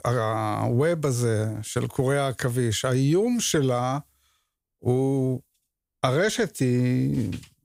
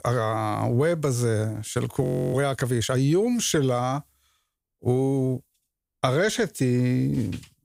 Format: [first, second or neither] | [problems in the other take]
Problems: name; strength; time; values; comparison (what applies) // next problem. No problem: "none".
first | audio freezing; at 2 s